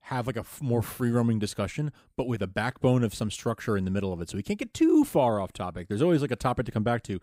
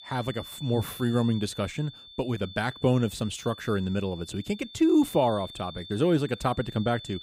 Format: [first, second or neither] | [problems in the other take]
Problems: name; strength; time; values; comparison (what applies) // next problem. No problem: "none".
first | high-pitched whine; noticeable; throughout; 3.5 kHz, 15 dB below the speech